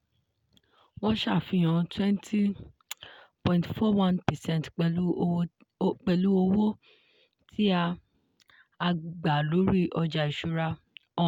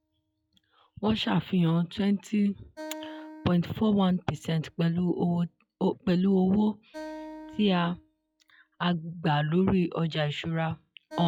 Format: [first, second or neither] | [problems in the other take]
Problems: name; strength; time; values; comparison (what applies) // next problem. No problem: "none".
first | noise reduction (classical method log-MMSE)